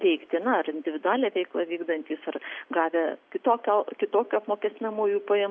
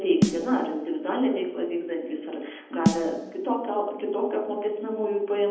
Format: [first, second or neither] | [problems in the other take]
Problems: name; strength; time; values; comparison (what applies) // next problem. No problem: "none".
first | background sound (Snare drum); 4 dB below the speech // room echo; dies away in 0.8 s